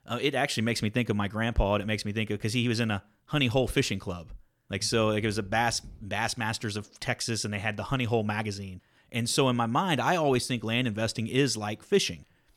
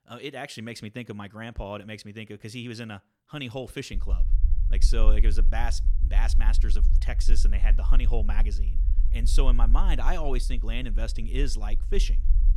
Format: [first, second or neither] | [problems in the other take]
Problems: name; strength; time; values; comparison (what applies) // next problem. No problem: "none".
first | low rumble; noticeable; from 4 s on; 15 dB below the speech